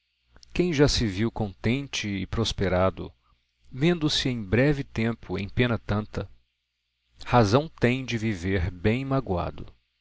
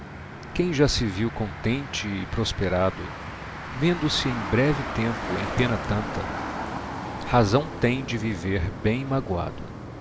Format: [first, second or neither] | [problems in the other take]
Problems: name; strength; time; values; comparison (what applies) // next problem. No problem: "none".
first | background sound (Motor vehicle (road)); 8 dB below the speech